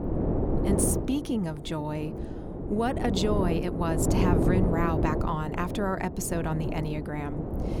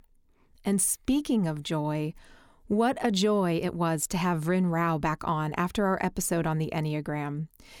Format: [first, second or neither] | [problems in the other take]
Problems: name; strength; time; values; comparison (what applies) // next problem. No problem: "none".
second | wind noise on the microphone; heavy; 2 dB below the speech